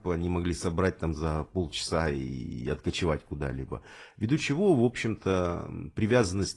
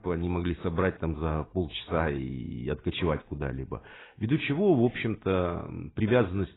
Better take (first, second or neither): first